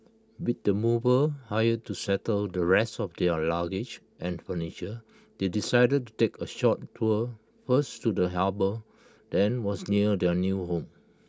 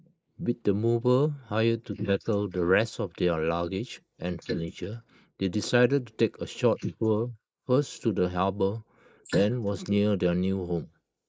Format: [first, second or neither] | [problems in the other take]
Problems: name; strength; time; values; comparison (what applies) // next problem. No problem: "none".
first | noise reduction (neural mask model Resemble Enhance denoiser)